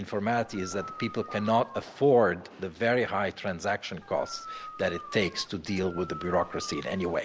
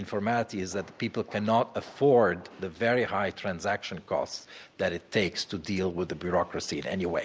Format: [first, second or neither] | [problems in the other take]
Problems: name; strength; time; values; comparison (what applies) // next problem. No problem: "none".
second | background sound (Dog); 14 dB below the speech